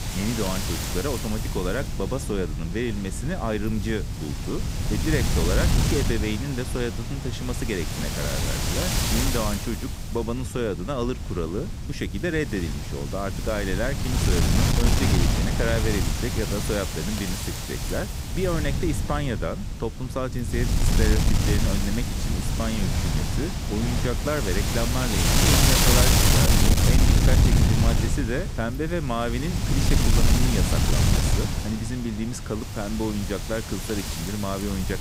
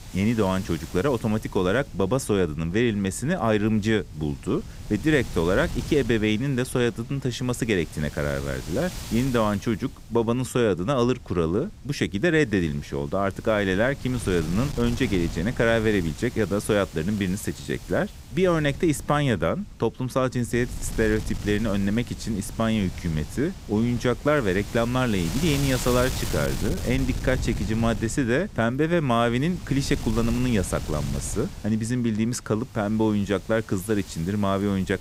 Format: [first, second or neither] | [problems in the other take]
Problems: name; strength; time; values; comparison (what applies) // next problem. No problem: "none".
second | wind noise on the microphone; heavy; 2 dB above the speech; occasional gusts in the second